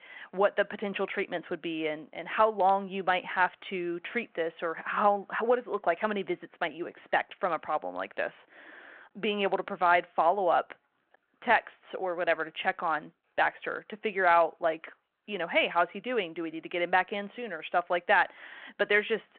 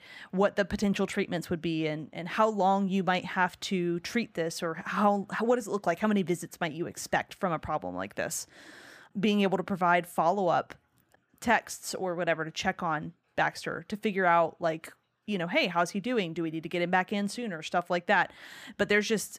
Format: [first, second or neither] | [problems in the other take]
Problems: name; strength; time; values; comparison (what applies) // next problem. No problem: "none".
second | phone-call audio